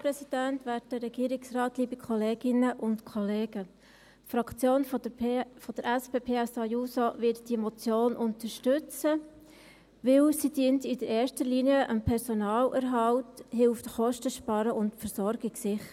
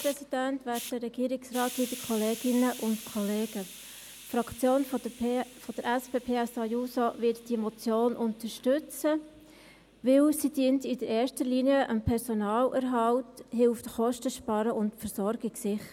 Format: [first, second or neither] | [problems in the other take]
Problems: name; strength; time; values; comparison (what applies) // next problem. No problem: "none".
first | background sound (Hiss); 19 dB below the speech